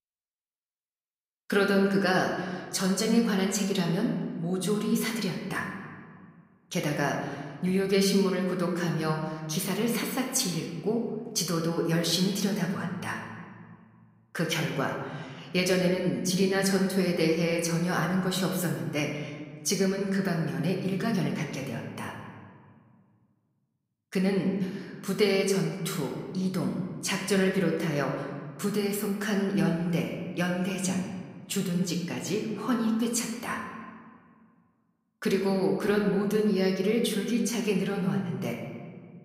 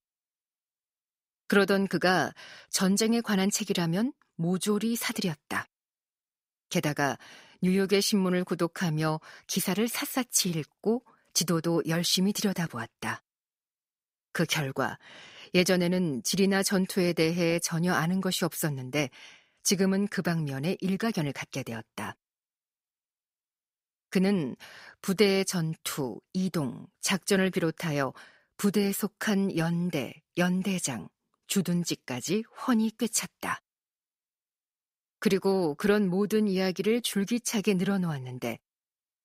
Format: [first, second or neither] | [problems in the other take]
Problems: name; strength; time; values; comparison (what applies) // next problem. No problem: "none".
second | room echo; slight; dies away in 1.5 s